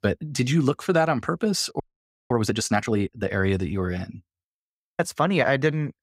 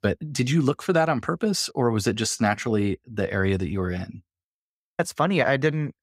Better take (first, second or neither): second